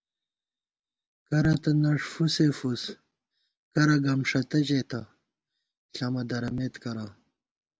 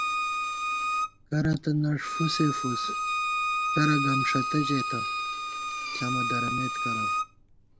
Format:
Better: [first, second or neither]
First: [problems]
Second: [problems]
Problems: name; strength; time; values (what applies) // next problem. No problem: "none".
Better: first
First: none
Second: background sound (Bowed string instrument); 1 dB above the speech